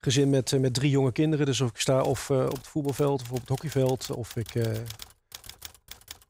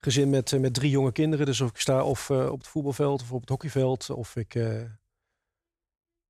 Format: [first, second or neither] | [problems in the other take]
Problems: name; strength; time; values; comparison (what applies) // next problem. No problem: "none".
second | keyboard typing; faint; from 2 s on; peak 15 dB below the speech